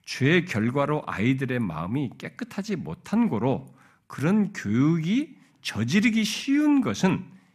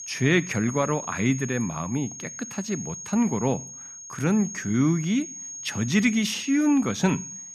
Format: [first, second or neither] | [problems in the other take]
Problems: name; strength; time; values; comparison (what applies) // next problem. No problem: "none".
first | high-pitched whine; noticeable; throughout; 6.5 kHz, 10 dB below the speech